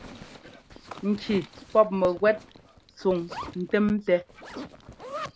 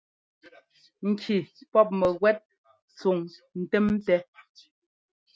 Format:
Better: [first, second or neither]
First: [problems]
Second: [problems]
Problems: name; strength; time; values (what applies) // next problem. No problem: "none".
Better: second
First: background sound (Zipper (clothing)); 15 dB below the speech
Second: none